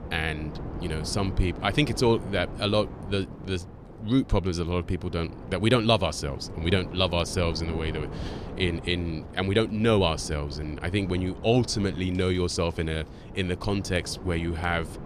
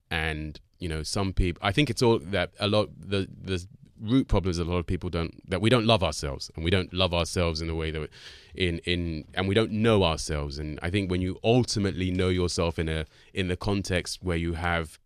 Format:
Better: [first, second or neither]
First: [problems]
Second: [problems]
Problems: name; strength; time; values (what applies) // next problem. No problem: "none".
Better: second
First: wind noise on the microphone; occasional gusts; 15 dB below the speech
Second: none